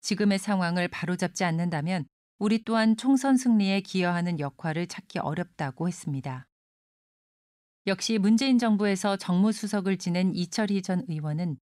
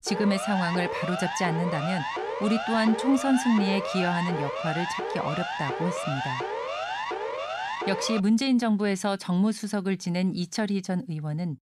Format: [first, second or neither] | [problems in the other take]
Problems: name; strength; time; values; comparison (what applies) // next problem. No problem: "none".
first | siren; noticeable; until 8 s; peak 3 dB below the speech